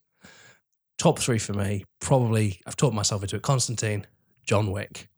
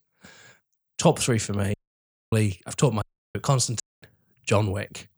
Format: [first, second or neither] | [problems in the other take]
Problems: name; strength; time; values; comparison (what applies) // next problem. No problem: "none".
first | audio cutting out; at 1.5 s for 0.5 s, at 3 s and at 4 s